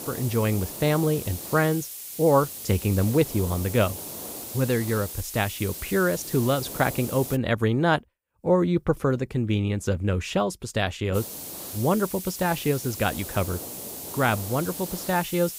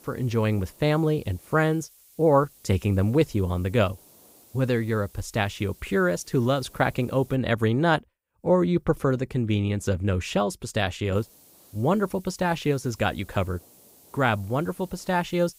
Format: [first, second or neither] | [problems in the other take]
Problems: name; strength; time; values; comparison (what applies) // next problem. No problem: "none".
second | hiss; loud; until 7.5 s and from 11 s on; 9 dB below the speech; faint in the second